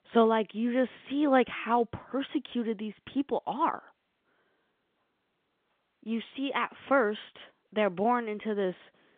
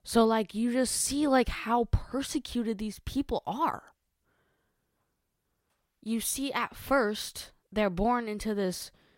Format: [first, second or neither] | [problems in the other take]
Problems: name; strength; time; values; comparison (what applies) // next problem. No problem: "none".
second | phone-call audio; nothing above 3.5 kHz